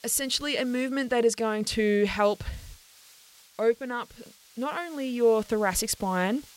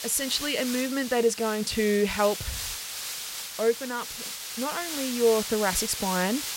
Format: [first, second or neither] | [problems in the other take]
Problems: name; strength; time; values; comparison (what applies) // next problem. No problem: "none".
first | hiss; loud; throughout; 6 dB below the speech; faint in the first